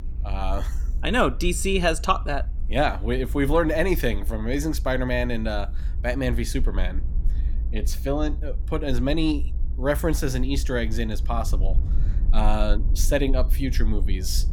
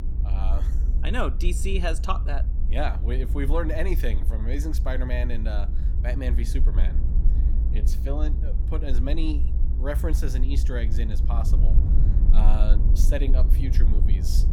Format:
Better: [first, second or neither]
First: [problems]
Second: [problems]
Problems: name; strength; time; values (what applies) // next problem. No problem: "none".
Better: first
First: low rumble; faint; throughout; 20 dB below the speech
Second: low rumble; loud; throughout; 9 dB below the speech